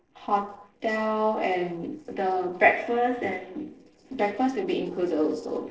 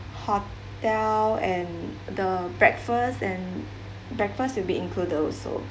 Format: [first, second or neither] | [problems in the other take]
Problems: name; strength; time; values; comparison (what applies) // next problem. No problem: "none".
second | noise reduction (neural separator model SepFormer DNS4)